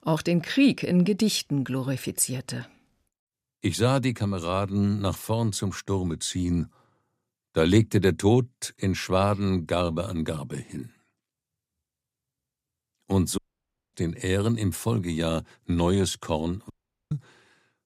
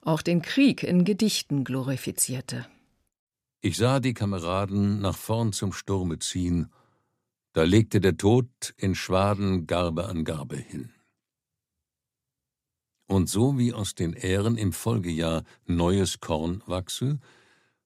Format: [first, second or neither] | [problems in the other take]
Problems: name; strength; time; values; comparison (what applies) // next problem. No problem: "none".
second | audio cutting out; at 13 s for 0.5 s and at 17 s